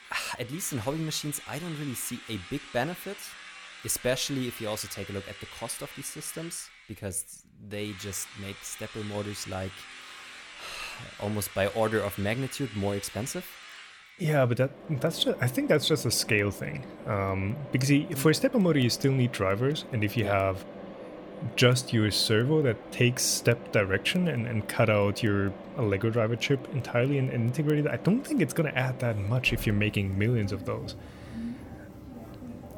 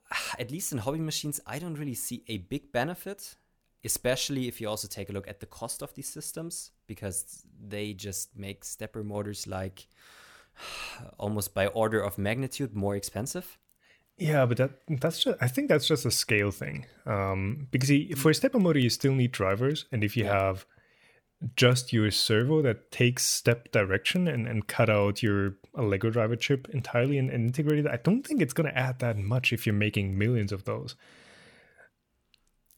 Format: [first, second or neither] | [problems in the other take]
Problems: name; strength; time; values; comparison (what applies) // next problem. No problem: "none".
second | machinery noise; noticeable; throughout; 15 dB below the speech